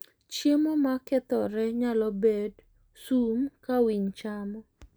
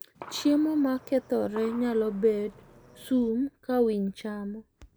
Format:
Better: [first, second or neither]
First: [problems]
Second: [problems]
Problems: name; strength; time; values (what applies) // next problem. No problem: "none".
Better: first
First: none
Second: background sound (Gunshot, gunfire); 20 dB below the speech